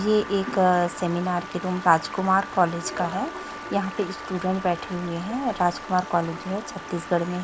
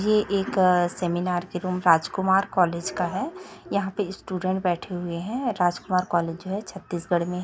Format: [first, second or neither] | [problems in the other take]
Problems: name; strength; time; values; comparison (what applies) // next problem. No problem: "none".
second | background sound (Wind instrument, woodwind instrument + Stream); 12 dB below the speech